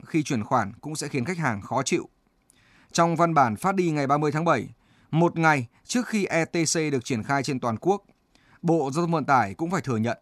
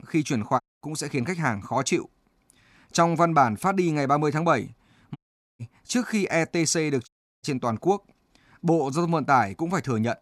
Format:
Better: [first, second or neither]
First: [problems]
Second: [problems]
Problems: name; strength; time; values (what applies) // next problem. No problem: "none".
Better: first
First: none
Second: audio cutting out; at 0.5 s, at 5 s and at 7 s